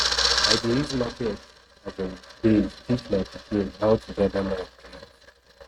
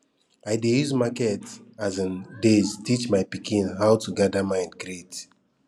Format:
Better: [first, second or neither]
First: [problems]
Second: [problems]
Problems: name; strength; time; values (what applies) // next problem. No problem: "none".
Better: second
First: noise reduction (neural mask model RNNoise)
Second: none